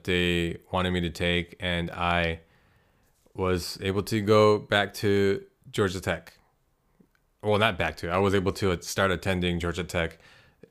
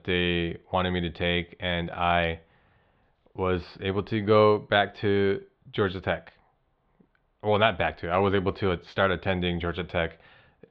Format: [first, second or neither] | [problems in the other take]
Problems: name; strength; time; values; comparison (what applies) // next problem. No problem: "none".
first | muffled; very; fading above 3.5 kHz